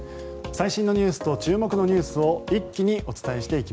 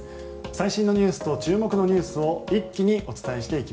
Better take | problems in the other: first | room echo; dies away in 0.6 s

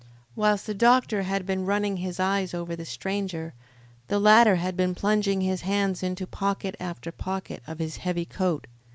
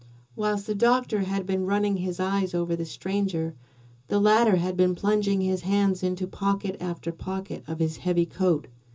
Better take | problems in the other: first | room echo; dies away in 0.2 s

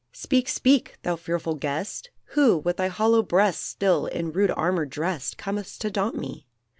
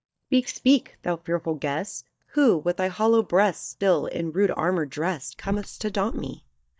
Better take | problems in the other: first | noise reduction (neural mask model DeepFilterNet 3)

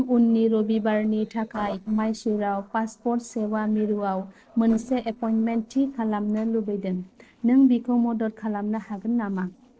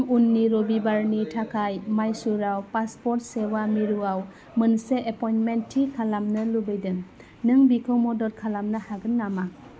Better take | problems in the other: second | noise reduction (neural separator model SepFormer DNS4)

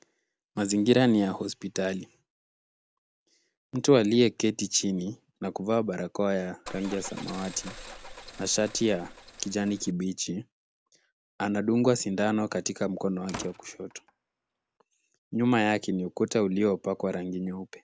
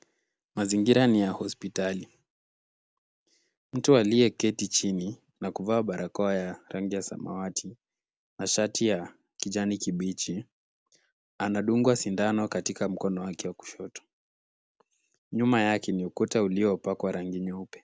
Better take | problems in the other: second | background sound (Slam + Car); 16 dB below the speech

